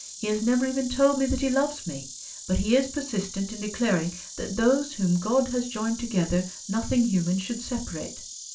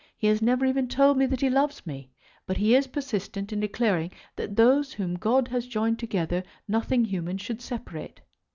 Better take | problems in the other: second | background sound (Insect); 14 dB below the speech // room echo; dies away in 0.2 s

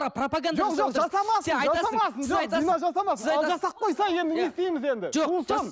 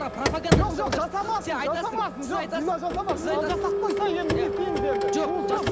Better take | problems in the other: first | background sound (Printer); 1 dB above the speech

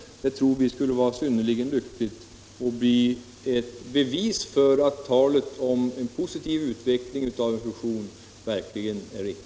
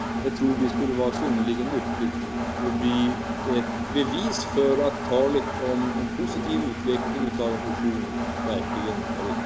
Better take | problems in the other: first | background sound (Engine); 2 dB below the speech

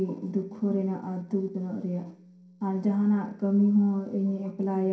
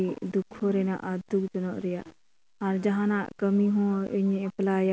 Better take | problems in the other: second | room echo; dies away in 0.5 s

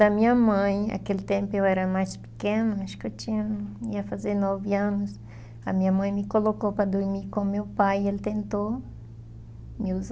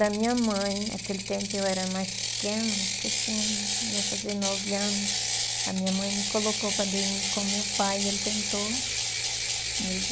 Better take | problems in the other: first | background sound (Ratchet, pawl); 1 dB above the speech

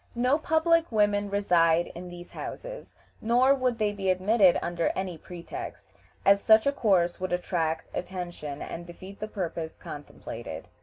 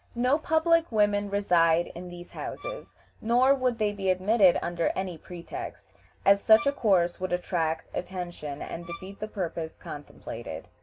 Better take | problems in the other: first | background sound (Bowed string instrument); 16 dB below the speech

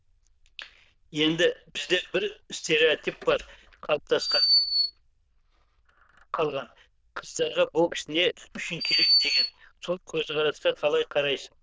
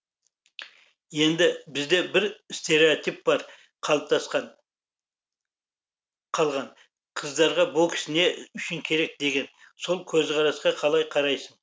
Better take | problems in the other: second | noise reduction (neural diffusion model UNIVERSE++)

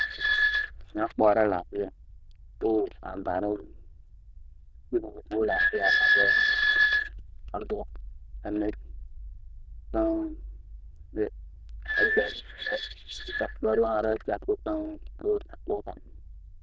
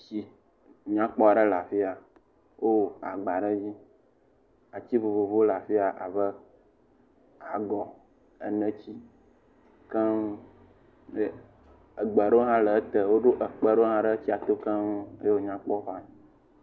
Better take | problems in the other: second | noise reduction (neural diffusion model UNIVERSE++)

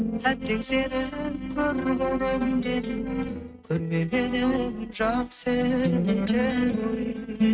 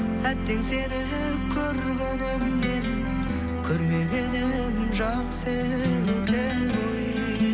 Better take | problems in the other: second | noise reduction (neural mask model RNNoise)

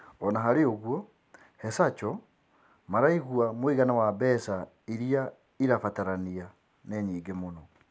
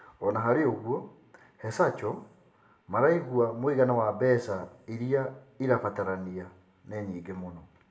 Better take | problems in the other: first | room echo; dies away in 0.5 s

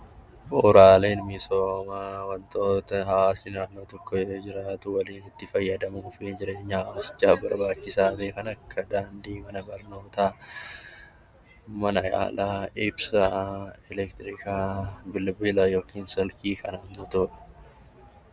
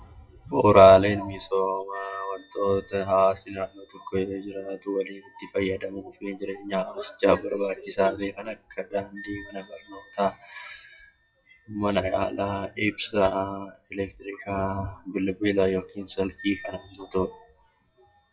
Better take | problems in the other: first | noise reduction (classical method WPE with log-MMSE)

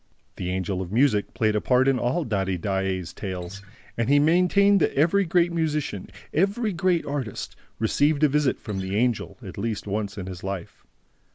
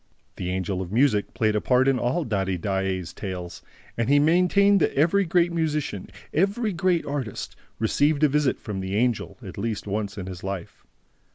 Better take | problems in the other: second | background sound (Acoustic guitar); 17 dB below the speech

